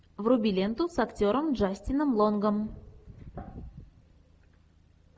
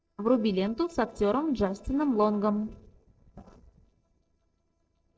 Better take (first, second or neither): first